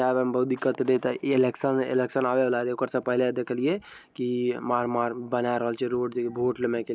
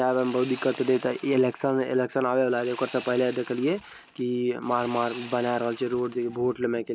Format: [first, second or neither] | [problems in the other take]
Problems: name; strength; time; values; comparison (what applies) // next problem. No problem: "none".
first | background sound (Sawing); 20 dB below the speech